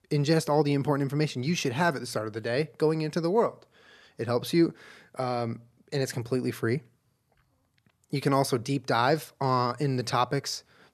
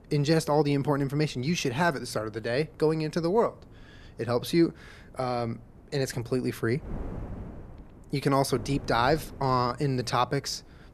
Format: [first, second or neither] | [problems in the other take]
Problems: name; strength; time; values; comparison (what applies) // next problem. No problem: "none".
first | wind noise on the microphone; occasional gusts; 25 dB below the speech